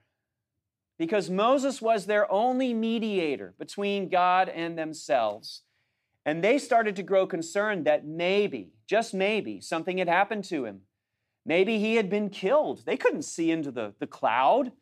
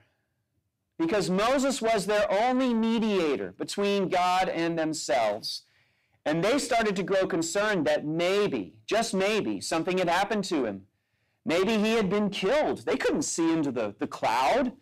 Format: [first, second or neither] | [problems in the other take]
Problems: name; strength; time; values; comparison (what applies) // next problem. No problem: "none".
first | distortion; heavy; 6 dB below the speech